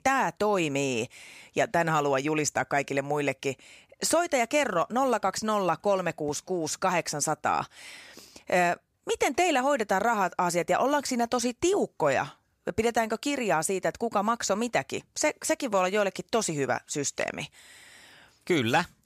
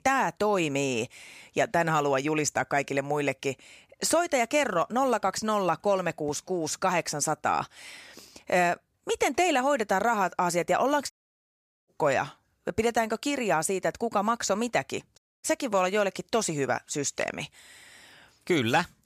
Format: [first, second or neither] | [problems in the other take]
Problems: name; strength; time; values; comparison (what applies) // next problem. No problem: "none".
first | audio cutting out; at 11 s for 1 s and at 15 s